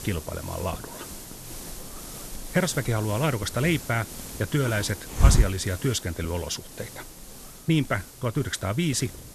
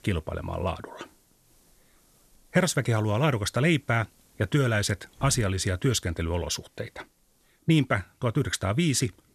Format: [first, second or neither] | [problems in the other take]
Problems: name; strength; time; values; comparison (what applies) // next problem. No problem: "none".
second | hiss; loud; throughout; 5 dB below the speech; faint in the second